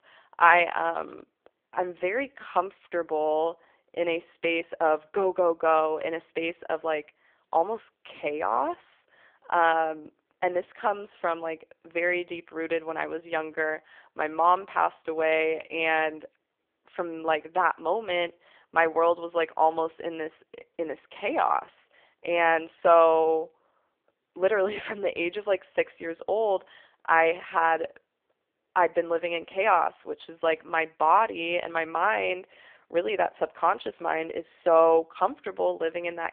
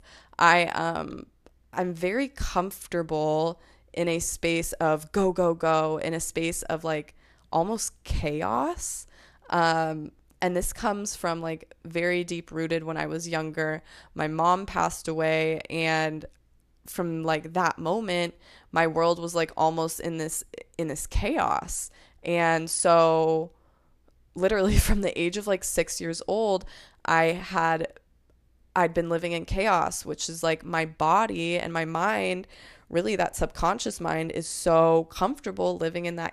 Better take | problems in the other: second | phone-call audio; poor line

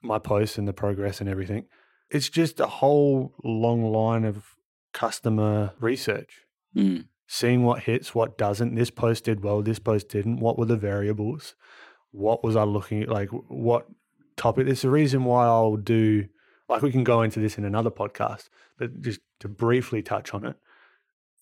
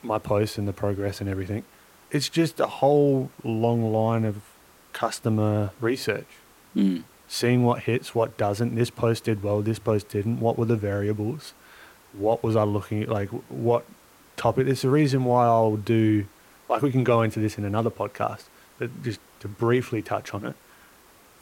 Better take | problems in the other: first | hiss; faint; throughout; 30 dB below the speech

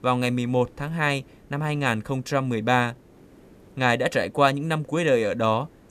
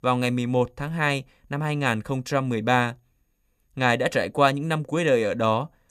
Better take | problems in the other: second | hiss; faint; throughout; 30 dB below the speech

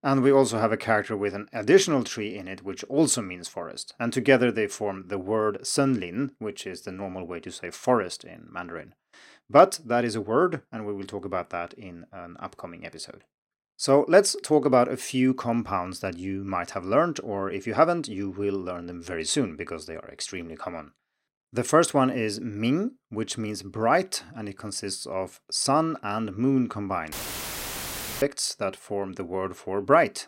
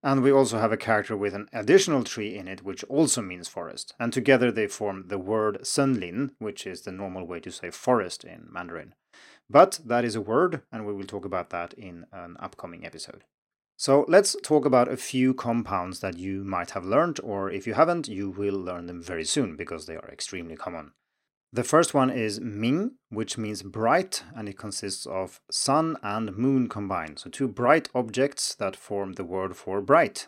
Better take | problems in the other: second | audio cutting out; filled with static; at 27 s for 1 s

